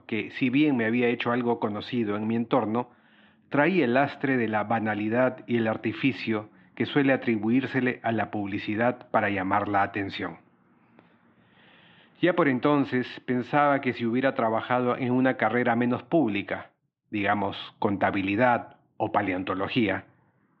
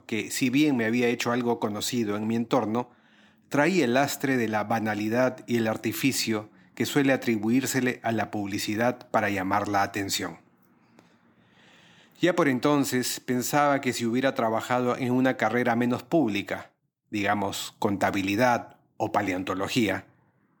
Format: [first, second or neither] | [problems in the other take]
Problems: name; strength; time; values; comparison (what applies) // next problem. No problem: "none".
second | muffled; very; fading above 3.5 kHz